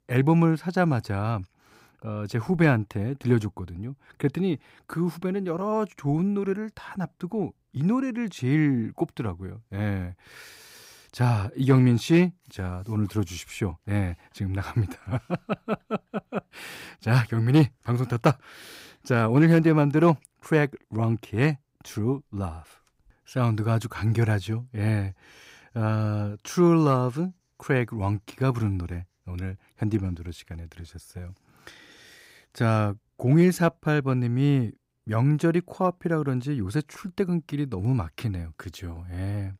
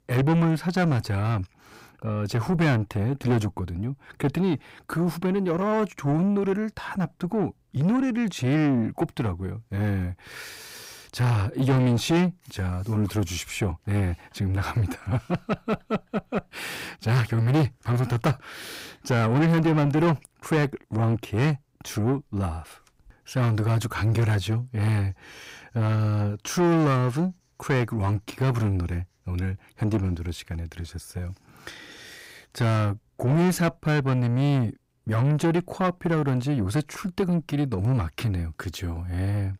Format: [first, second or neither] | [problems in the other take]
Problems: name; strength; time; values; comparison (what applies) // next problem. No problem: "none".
first | distortion; heavy; 7 dB below the speech